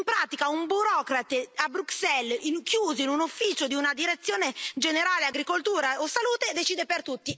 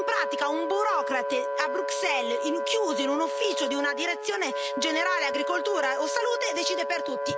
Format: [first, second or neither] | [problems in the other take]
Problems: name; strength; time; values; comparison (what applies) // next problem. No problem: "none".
first | background sound (Wind instrument, woodwind instrument); 1 dB below the speech